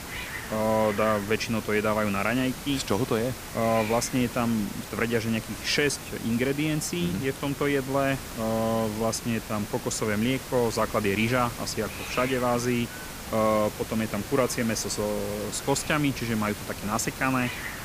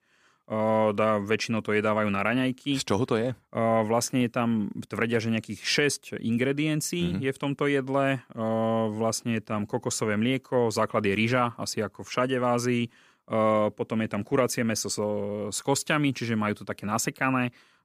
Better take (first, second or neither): second